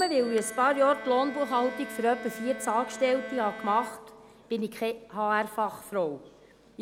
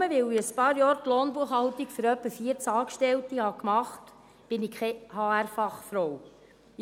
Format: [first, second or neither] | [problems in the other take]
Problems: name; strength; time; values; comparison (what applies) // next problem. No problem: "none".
second | background sound (Bowed string instrument + Bicycle bell); 14 dB below the speech